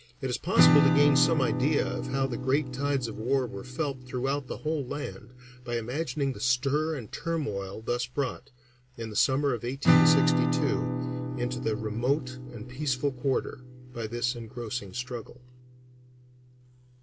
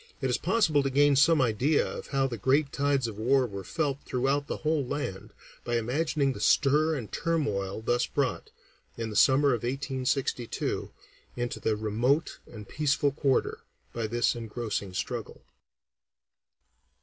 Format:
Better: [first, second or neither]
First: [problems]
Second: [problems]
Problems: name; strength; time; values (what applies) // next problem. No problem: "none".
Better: second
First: background sound (Acoustic guitar / Strum); 1 dB below the speech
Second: none